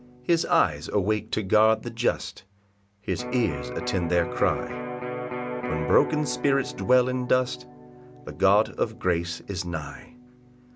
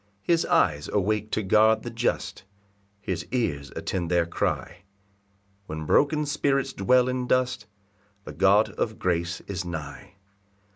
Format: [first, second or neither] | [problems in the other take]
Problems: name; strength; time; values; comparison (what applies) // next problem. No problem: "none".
second | background sound (Electric guitar); 10 dB below the speech